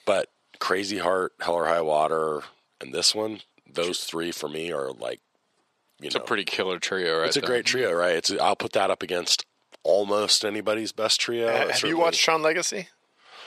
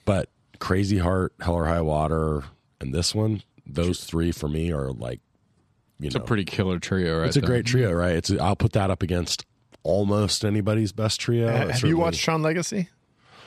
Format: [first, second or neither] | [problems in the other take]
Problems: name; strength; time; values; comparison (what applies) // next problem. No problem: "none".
second | thin; very; fading below 500 Hz